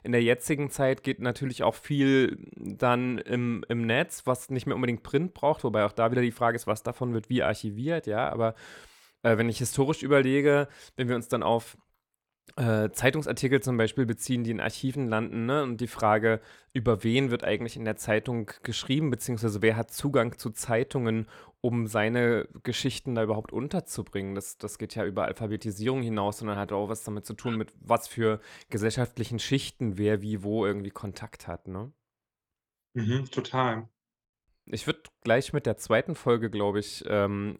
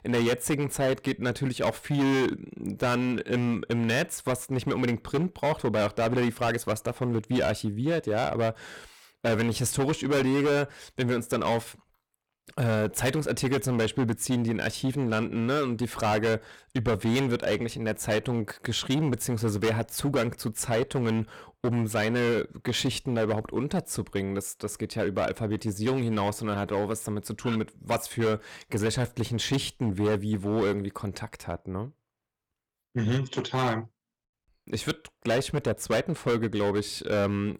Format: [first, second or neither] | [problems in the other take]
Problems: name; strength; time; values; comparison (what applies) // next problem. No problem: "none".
first | distortion; heavy; 12% of the sound clipped